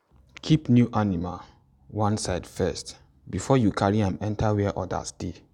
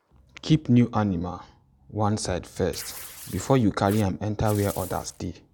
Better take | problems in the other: first | background sound (Tearing); 17 dB below the speech

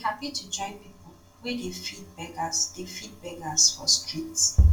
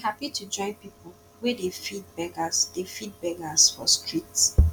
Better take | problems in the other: second | room echo; dies away in 0.3 s

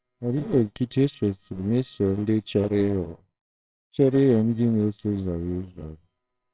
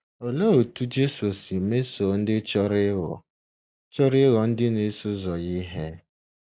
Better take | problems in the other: second | noise reduction (neural separator model SepFormer WHAMR!)

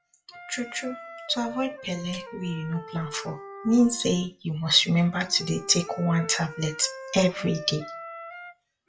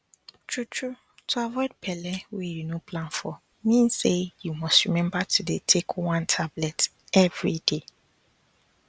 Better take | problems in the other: second | noise reduction (classical method WPE with log-MMSE)

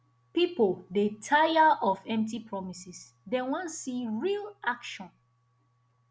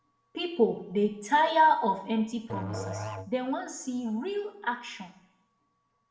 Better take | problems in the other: first | background sound (Musical instrument); 11 dB below the speech // room echo; dies away in 0.7 s

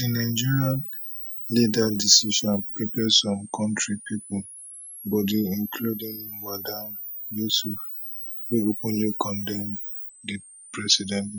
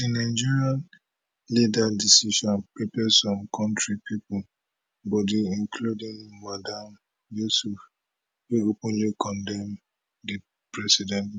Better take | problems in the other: second | background sound (Camera); 9 dB below the speech

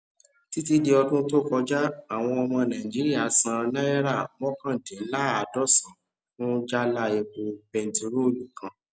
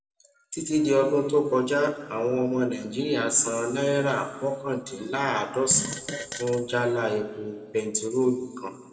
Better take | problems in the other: first | background sound (Fart); 10 dB below the speech // room echo; dies away in 1.6 s

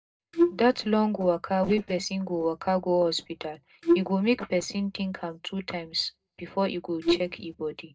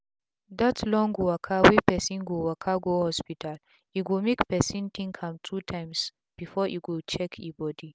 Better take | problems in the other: second | noise reduction (neural separator model SepFormer DNS4)

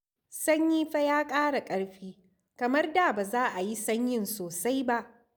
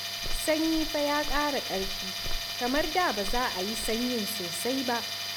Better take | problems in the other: first | background sound (Walk, footsteps + Tools); 2 dB below the speech

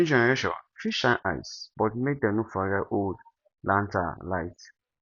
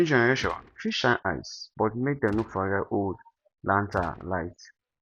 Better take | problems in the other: first | background sound (Gunshot, gunfire); 19 dB below the speech

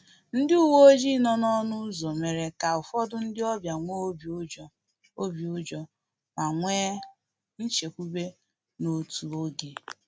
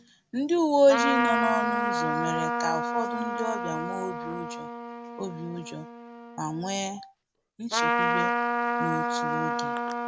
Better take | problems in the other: first | background sound (Trumpet); as loud as the speech

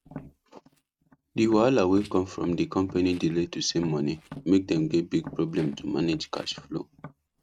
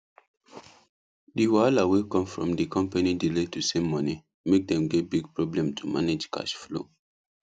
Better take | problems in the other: second | noise reduction (neural mask model RNNoise)

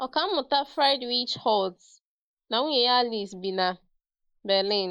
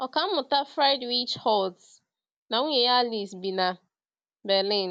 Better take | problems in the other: second | noise reduction (neural mask model Resemble Enhance denoiser)

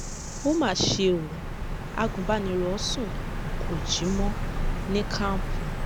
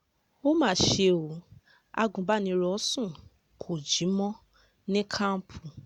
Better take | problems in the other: second | background sound (Bird vocalization, bird call, bird song); 1 dB below the speech

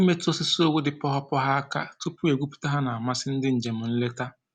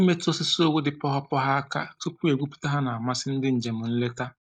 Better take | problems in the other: first | noise reduction (neural mask model Resemble Enhance denoiser)

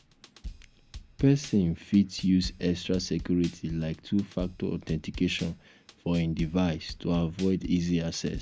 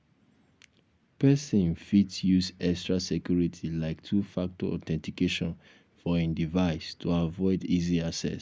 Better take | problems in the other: second | background sound (Drum kit); 16 dB below the speech

